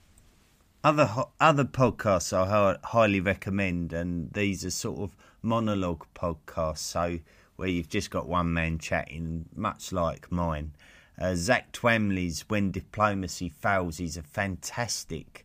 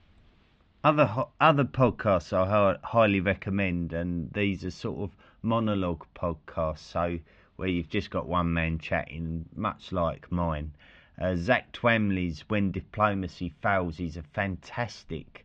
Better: first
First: none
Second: muffled; slightly; fading above 3.5 kHz

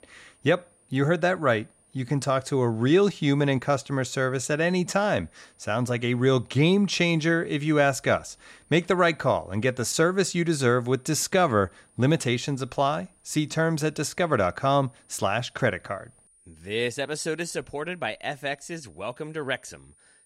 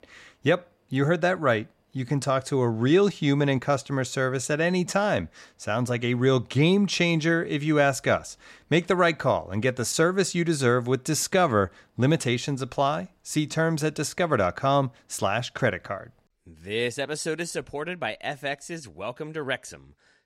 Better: second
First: high-pitched whine; faint; throughout; 9.5 kHz, 35 dB below the speech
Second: none

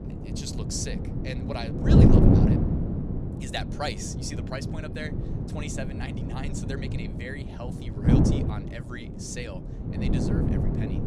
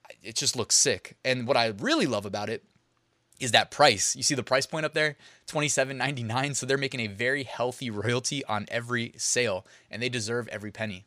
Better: second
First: wind noise on the microphone; heavy; 4 dB above the speech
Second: none

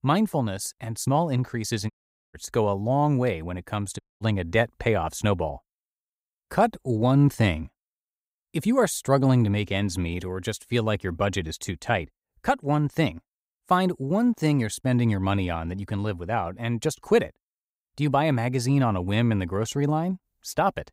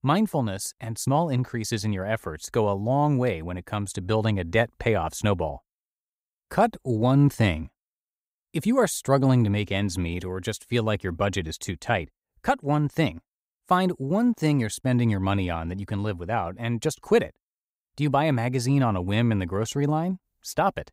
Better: second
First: audio cutting out; at 2 s and at 4 s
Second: none

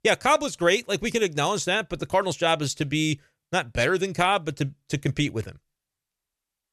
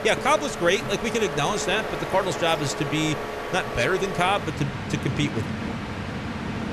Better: first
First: none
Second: train or aircraft noise; loud; throughout; 6 dB below the speech

